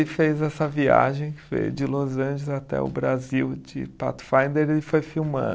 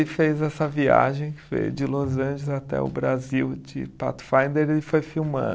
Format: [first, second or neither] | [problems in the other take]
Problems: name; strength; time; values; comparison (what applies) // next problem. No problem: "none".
first | background sound (Bowed string instrument); 15 dB below the speech